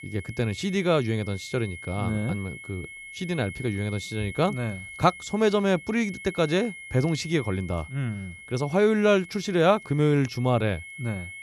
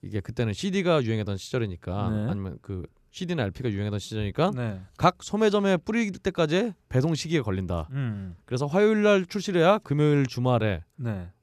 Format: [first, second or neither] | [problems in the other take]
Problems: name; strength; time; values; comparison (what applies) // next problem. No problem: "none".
second | high-pitched whine; noticeable; throughout; 2 kHz, 15 dB below the speech